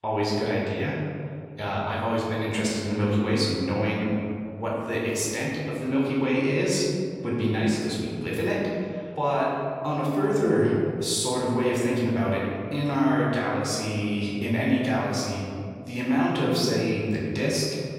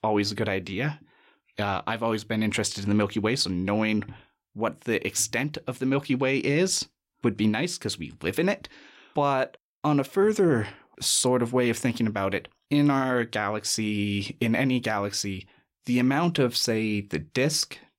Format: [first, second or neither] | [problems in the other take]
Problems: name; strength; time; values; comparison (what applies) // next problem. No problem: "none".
second | room echo; noticeable; dies away in 2.2 s // off-mic speech; far